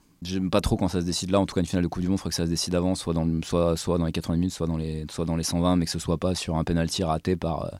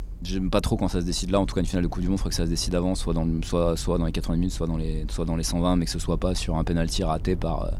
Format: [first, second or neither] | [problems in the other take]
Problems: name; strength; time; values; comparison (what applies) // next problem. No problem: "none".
first | low rumble; faint; throughout; 20 dB below the speech